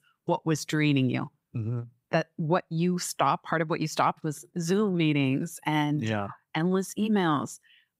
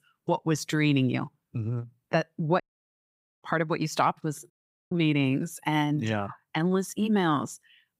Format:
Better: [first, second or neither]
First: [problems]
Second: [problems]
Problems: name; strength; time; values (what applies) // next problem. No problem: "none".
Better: first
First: none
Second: audio cutting out; at 2.5 s for 1 s and at 4.5 s